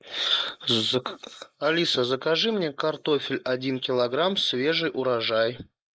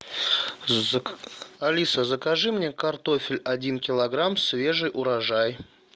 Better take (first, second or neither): second